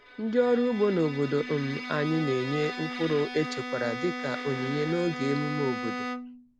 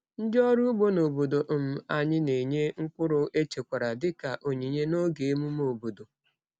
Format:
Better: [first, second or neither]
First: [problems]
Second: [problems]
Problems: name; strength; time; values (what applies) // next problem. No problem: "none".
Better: second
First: background sound (Bowed string instrument); 7 dB below the speech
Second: none